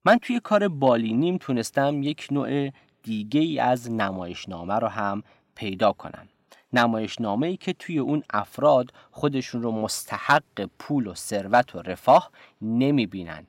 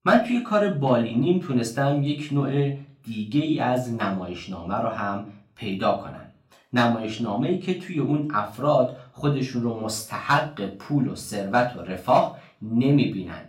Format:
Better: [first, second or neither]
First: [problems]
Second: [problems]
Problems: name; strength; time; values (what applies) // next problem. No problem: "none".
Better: first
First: none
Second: off-mic speech; far // room echo; slight; dies away in 0.3 s